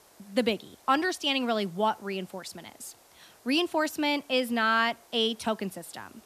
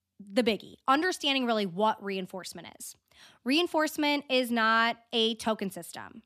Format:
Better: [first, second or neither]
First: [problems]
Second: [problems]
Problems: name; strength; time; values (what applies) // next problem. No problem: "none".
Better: second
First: hiss; faint; throughout; 30 dB below the speech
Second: none